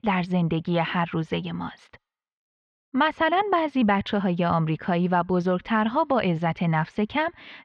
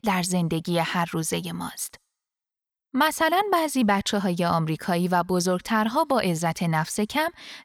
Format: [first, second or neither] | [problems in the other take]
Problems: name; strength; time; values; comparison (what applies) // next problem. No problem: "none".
second | muffled; very; fading above 3 kHz